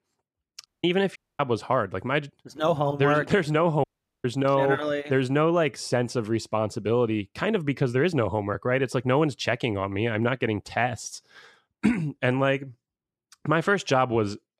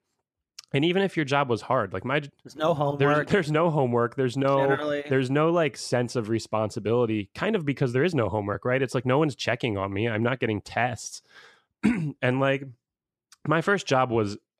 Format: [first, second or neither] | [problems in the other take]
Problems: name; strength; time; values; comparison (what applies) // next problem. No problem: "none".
second | audio cutting out; at 0.5 s, at 1 s and at 4 s